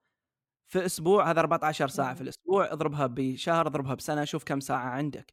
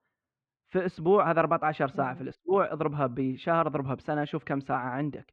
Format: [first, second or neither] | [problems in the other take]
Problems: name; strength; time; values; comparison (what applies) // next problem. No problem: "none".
first | muffled; very; fading above 2.5 kHz